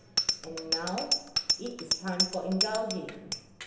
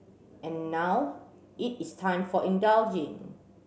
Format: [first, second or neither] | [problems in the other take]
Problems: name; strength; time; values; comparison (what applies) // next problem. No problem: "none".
second | background sound (Bicycle bell); 3 dB above the speech // room echo; dies away in 0.8 s